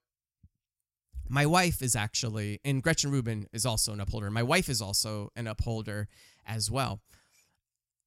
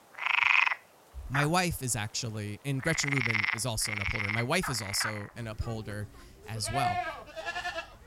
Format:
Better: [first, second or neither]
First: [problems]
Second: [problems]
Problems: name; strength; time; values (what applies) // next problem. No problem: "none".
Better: first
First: none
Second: animal sounds; very loud; throughout; 2 dB above the speech